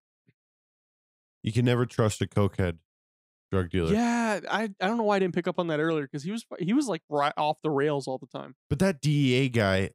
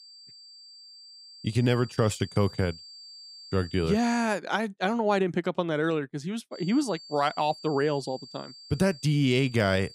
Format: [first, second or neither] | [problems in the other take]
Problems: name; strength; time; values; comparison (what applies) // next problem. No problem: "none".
first | high-pitched whine; noticeable; until 4.5 s and from 6.5 s on; 4.5 kHz, 20 dB below the speech